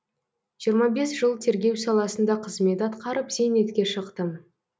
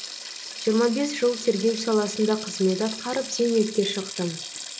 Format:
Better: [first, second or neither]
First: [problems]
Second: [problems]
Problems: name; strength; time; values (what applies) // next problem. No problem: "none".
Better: first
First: none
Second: background sound (Sink (filling or washing)); 11 dB below the speech